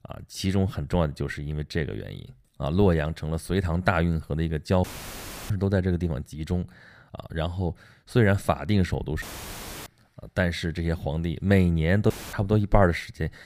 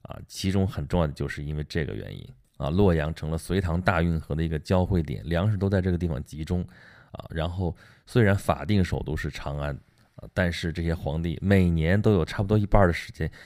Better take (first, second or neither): second